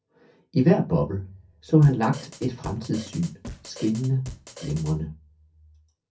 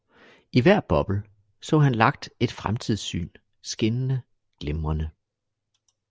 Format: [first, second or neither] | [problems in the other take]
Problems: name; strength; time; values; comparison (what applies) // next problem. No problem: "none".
second | background sound (Drum kit); 17 dB below the speech // room echo; dies away in 0.3 s